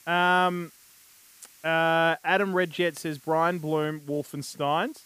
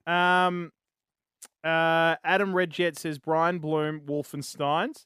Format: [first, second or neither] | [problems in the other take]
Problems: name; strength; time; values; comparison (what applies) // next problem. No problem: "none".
second | hiss; faint; throughout; 25 dB below the speech